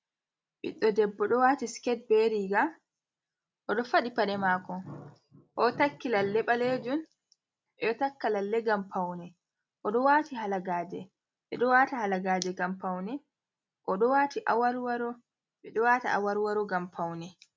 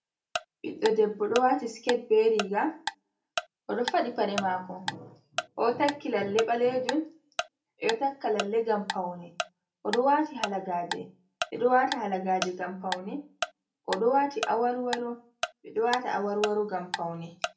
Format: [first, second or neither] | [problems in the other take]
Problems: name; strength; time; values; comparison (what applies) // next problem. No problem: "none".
first | background sound (Tick-tock); 10 dB below the speech // room echo; dies away in 0.3 s